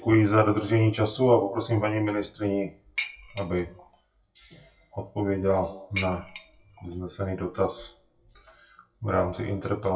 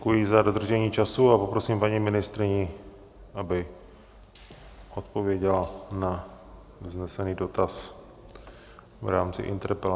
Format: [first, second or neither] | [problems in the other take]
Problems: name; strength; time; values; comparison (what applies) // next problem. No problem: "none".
second | noise reduction (classical method WPE with log-MMSE)